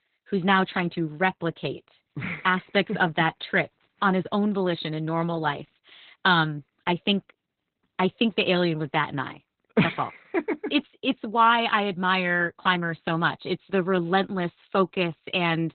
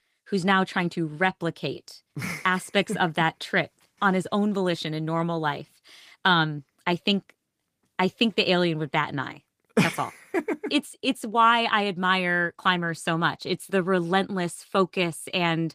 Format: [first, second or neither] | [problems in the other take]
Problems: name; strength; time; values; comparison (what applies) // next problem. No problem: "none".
second | garbled, watery; badly; nothing above 4 kHz; slightly in the second